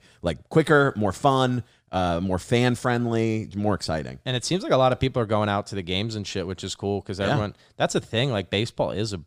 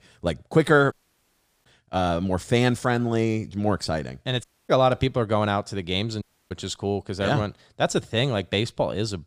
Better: first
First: none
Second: audio cutting out; at 1 s for 0.5 s, at 4.5 s and at 6 s

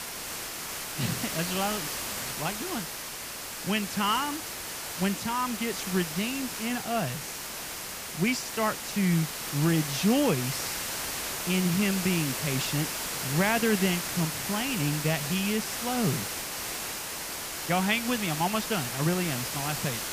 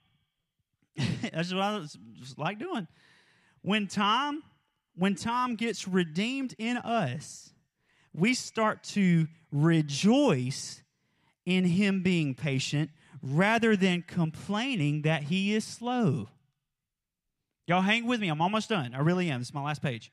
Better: second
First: hiss; loud; throughout; 3 dB below the speech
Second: none

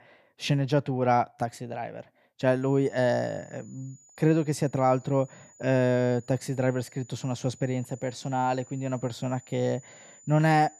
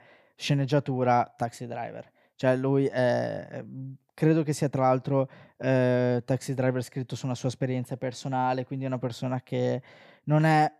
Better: second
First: high-pitched whine; faint; from 2.5 s on; 7 kHz, 25 dB below the speech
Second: none

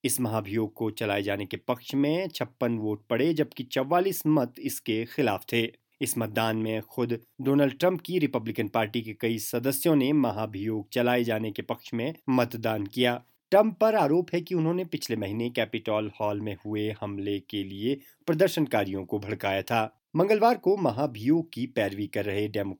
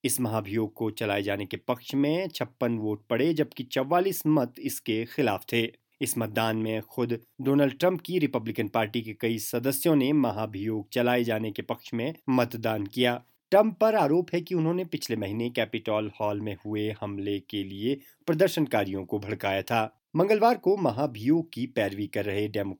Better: neither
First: none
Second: none

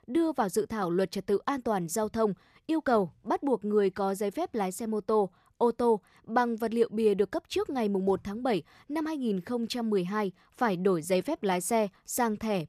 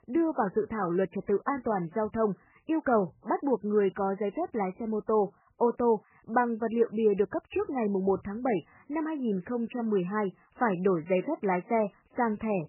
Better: first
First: none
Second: garbled, watery; badly; nothing above 3 kHz

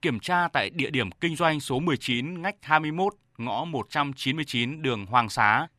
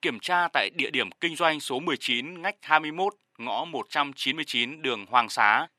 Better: first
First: none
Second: thin; somewhat; fading below 350 Hz

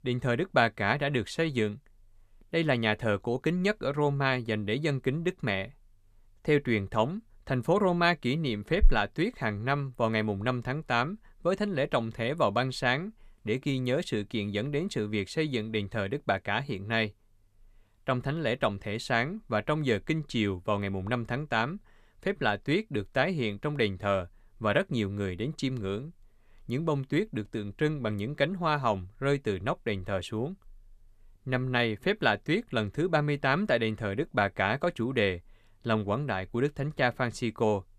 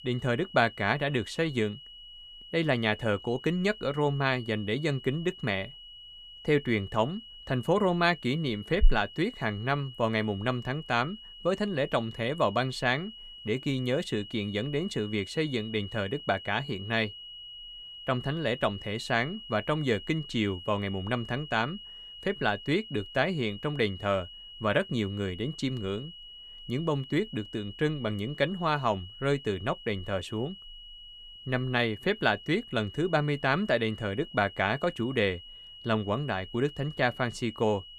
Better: first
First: none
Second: high-pitched whine; noticeable; throughout; 3 kHz, 15 dB below the speech

